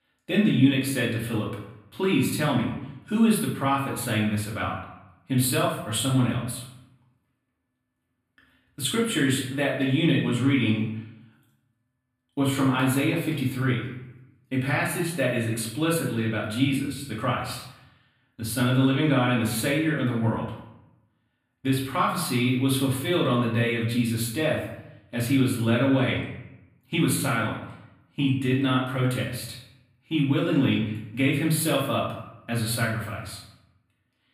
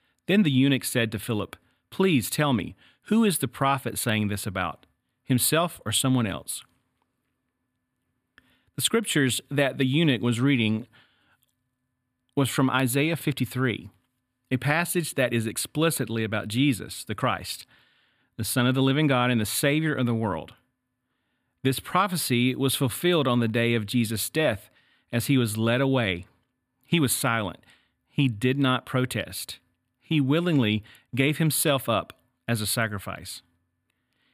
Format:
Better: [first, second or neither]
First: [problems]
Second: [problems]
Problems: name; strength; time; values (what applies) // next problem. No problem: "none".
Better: second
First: room echo; noticeable; dies away in 0.7 s // off-mic speech; far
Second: none